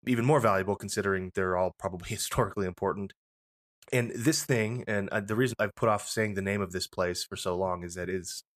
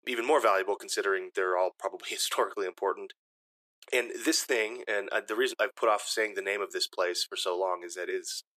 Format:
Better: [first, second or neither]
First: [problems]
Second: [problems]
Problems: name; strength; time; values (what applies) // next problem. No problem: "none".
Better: first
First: none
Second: thin; very; fading below 350 Hz